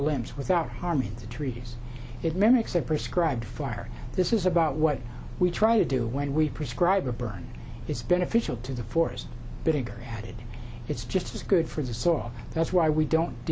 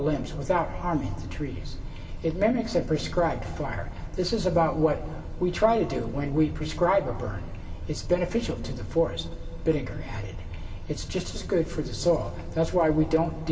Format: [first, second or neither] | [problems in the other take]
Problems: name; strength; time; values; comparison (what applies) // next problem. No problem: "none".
first | room echo; dies away in 2.7 s